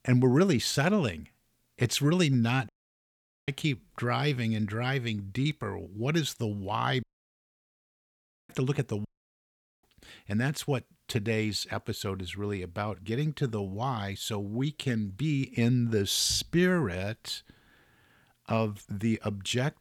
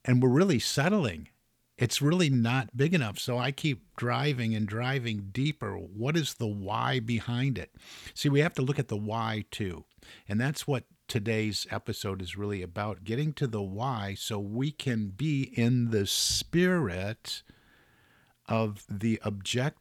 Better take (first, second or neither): second